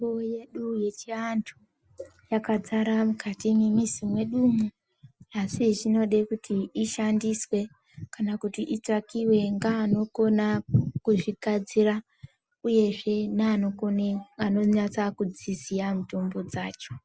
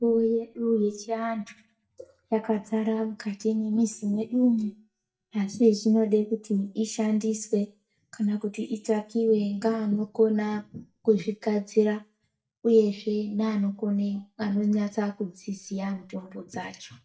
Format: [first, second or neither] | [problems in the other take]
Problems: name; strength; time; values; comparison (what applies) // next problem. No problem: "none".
first | noise reduction (neural mask model DeepFilterNet 3)